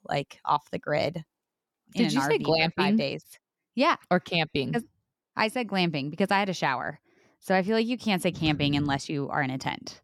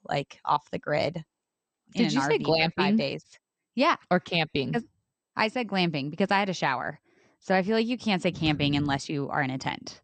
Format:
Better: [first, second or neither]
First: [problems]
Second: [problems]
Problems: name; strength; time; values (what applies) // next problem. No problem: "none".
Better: first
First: none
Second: garbled, watery; slightly; nothing above 8.5 kHz